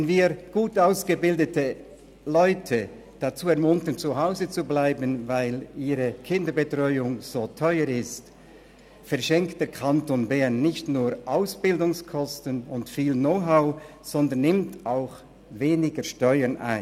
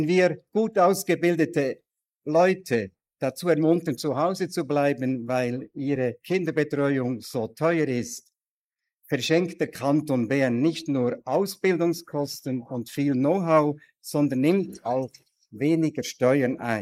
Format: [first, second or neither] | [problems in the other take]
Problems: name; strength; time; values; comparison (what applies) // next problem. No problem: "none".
first | noise reduction (neural mask model Resemble Enhance denoiser)